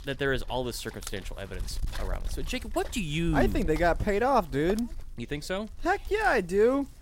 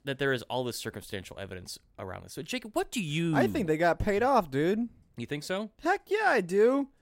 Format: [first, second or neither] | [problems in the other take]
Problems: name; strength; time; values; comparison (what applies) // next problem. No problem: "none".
second | wind noise on the microphone; occasional gusts; 20 dB below the speech